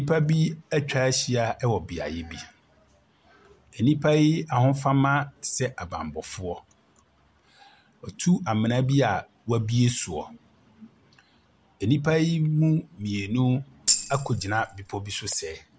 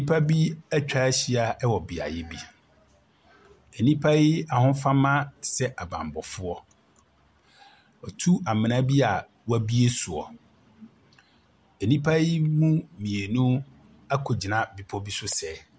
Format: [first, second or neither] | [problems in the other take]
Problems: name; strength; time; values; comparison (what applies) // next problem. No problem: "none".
second | background sound (Tambourine); 3 dB below the speech